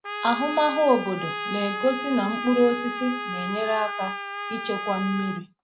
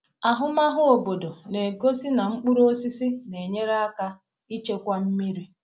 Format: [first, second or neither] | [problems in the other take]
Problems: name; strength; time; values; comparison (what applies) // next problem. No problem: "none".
second | background sound (Trumpet); 6 dB below the speech